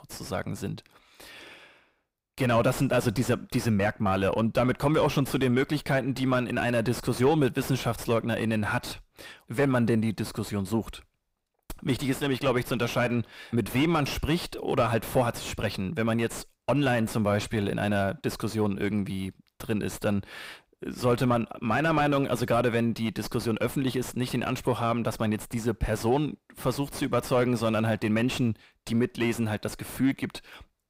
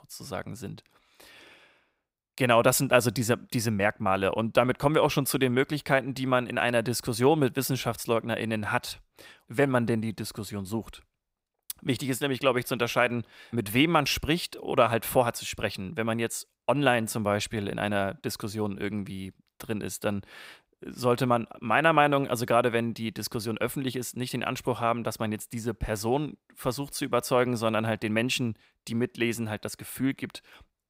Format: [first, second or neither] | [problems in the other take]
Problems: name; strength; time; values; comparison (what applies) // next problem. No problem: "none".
second | distortion; heavy; 5 dB below the speech